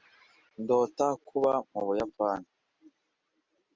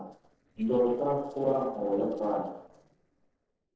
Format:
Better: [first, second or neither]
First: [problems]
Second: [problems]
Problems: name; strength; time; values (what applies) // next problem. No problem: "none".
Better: first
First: none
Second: noise reduction (neural separator model SepFormer DNS4)